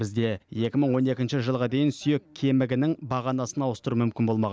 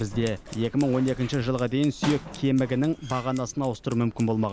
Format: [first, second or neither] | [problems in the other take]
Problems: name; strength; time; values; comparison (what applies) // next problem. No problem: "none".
first | background sound (Scissors); 15 dB below the speech